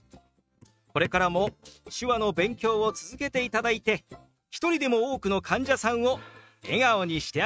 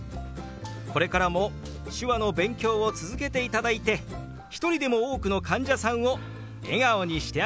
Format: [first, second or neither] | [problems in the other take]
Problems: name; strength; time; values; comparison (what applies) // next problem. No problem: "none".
second | noise reduction (neural mask model RNNoise)